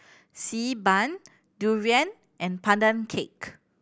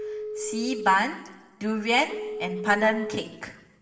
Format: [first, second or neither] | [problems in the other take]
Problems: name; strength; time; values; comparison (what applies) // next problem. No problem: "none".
first | background sound (Telephone); 9 dB below the speech // room echo; dies away in 1.1 s